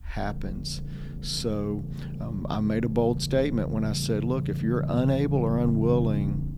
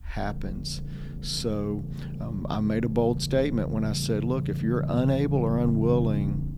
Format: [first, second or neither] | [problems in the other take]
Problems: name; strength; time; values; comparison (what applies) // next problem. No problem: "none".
neither | low rumble; noticeable; throughout; 10 dB below the speech; the same in both